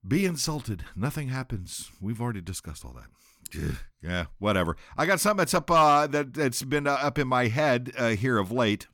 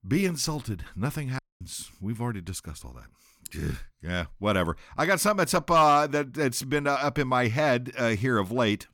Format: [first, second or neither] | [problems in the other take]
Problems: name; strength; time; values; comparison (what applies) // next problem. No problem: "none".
first | audio cutting out; at 1.5 s